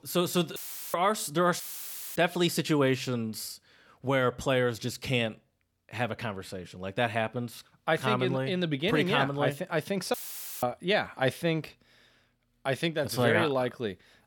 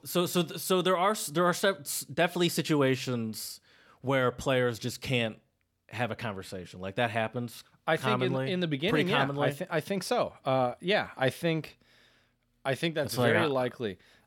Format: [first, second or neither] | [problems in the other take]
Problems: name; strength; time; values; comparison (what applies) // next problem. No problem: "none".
second | audio cutting out; filled with static; at 0.5 s, at 1.5 s for 0.5 s and at 10 s